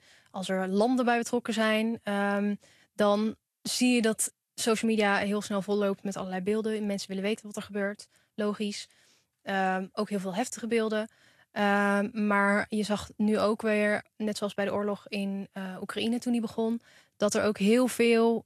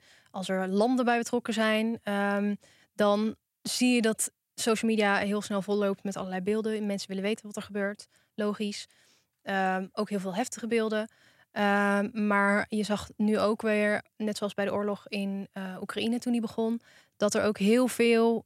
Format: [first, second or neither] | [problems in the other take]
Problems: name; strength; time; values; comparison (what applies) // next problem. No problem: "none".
second | garbled, watery; slightly; nothing above 12.5 kHz